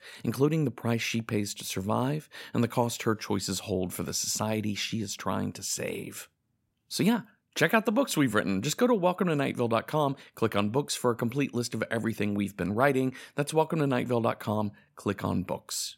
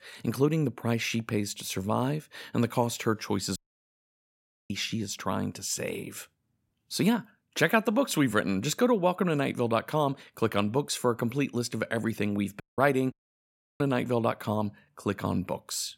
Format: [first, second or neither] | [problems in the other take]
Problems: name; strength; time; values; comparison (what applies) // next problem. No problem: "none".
first | audio cutting out; at 3.5 s for 1 s and at 13 s for 0.5 s